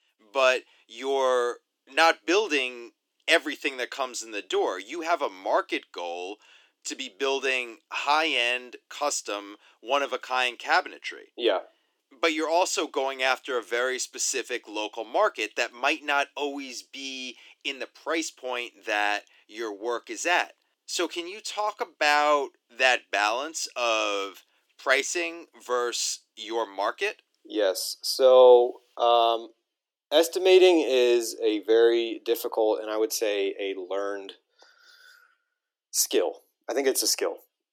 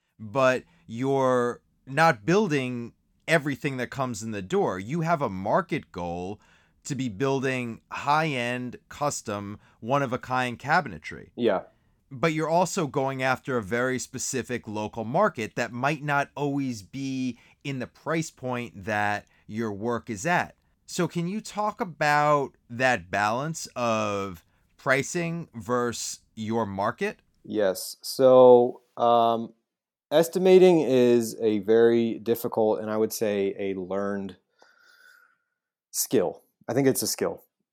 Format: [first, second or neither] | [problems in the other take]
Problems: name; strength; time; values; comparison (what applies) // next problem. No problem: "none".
second | thin; very; fading below 300 Hz